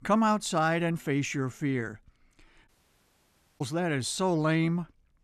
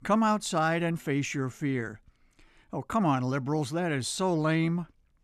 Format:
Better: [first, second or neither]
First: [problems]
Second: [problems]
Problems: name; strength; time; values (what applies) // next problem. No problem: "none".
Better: second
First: audio cutting out; at 2.5 s for 1 s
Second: none